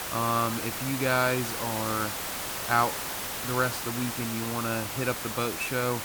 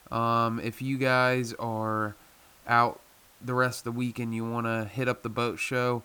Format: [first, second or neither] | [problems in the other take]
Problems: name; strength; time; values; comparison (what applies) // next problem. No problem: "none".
second | hiss; loud; throughout; 3 dB below the speech; faint in the second